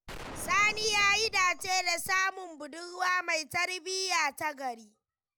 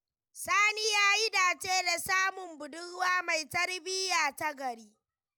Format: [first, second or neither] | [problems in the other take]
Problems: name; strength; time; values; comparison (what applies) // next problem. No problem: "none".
second | background sound (Gunshot, gunfire); 15 dB below the speech